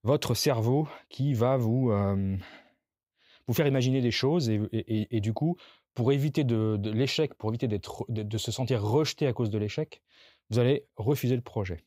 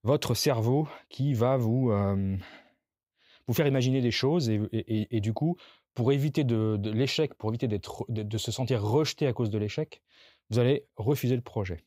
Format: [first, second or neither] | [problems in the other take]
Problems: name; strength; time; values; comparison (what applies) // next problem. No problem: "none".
neither | none